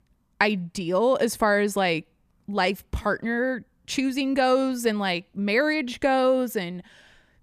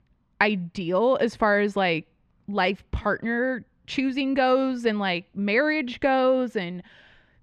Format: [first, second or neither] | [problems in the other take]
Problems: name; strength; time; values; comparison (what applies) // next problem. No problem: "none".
first | muffled; very slightly; fading above 3 kHz